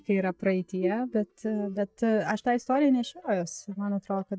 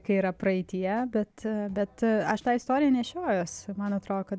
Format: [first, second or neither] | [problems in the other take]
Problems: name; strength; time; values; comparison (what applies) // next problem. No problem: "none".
second | noise reduction (neural mask model DeepFilterNet 3)